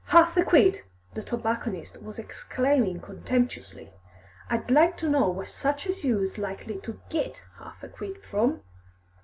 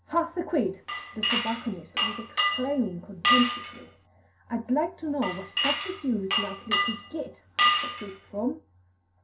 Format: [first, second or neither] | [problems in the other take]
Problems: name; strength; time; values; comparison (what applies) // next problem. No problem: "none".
first | background sound (Glass); 2 dB above the speech // room echo; dies away in 0.3 s